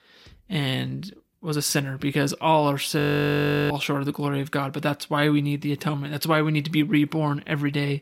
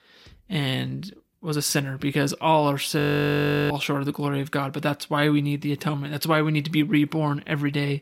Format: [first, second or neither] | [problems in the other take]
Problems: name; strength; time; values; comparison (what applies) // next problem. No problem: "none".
neither | audio freezing; at 3 s for 0.5 s; the same in both